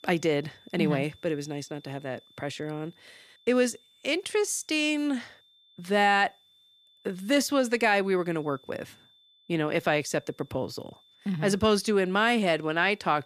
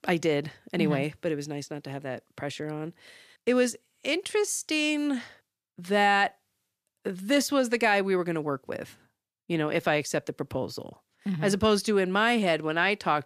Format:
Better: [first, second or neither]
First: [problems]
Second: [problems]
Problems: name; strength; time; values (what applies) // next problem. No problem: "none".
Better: second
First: high-pitched whine; faint; throughout; 3.5 kHz, 30 dB below the speech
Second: none